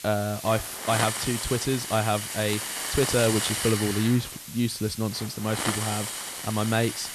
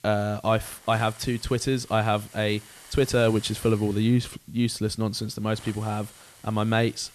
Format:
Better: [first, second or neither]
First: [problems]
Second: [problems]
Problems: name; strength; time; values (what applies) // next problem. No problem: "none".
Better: second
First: hiss; loud; throughout; 3 dB below the speech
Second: hiss; faint; throughout; 20 dB below the speech